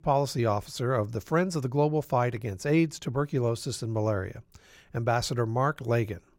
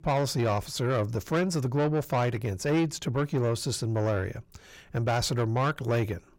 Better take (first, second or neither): first